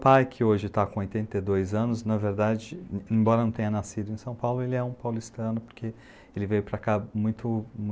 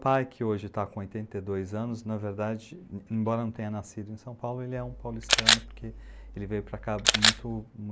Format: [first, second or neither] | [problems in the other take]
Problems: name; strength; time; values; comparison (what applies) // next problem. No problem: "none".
first | background sound (Camera); 5 dB above the speech